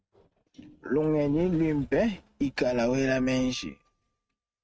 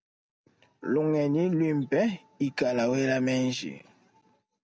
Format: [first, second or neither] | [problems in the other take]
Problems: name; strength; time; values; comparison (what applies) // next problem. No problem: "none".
second | noise reduction (neural mask model RNNoise)